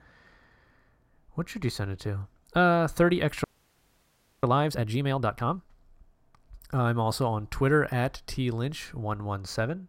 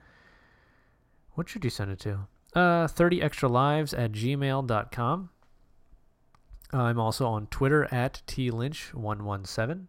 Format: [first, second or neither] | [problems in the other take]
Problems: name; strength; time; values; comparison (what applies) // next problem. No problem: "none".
second | audio freezing; at 3.5 s for 1 s